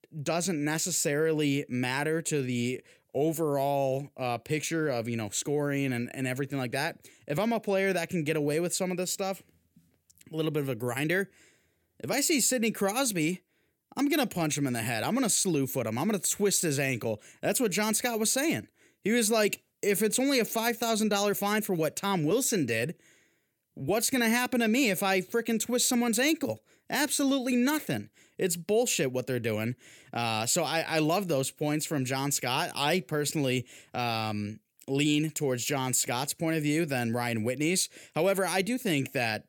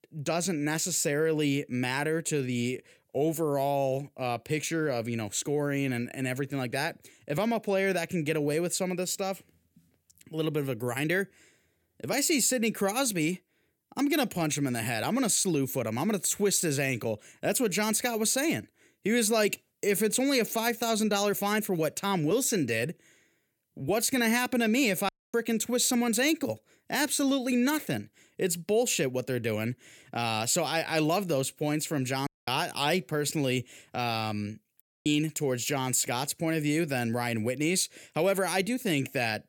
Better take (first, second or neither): first